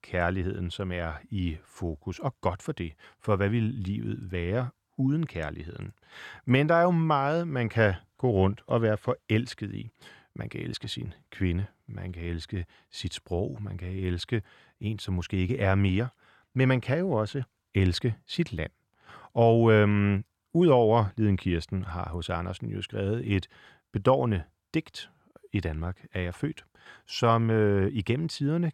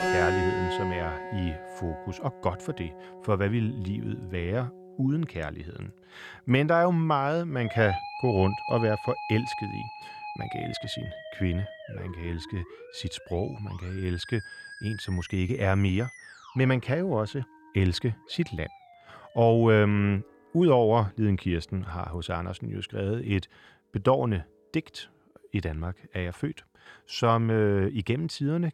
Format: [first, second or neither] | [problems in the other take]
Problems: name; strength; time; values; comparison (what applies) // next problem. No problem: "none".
first | background music; loud; throughout; 9 dB below the speech